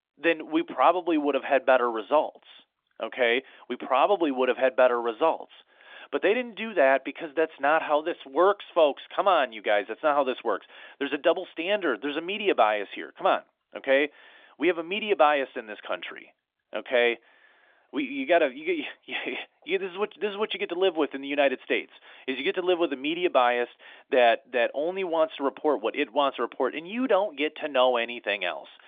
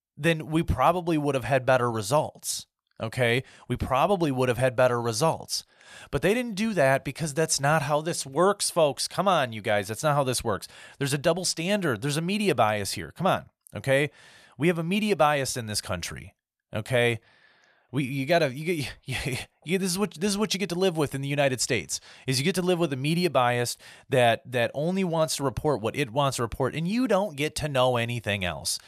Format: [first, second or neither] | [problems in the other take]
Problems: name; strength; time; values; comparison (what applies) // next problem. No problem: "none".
second | phone-call audio; nothing above 3.5 kHz